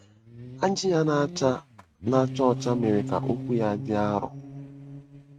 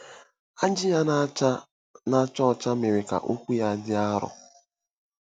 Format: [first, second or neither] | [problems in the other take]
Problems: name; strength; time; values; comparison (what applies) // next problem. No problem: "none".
second | noise reduction (neural mask model RNNoise)